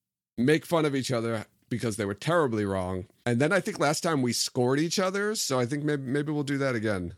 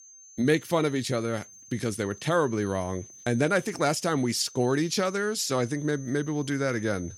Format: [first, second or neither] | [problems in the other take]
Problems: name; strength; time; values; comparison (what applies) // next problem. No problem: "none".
first | high-pitched whine; noticeable; throughout; 6 kHz, 20 dB below the speech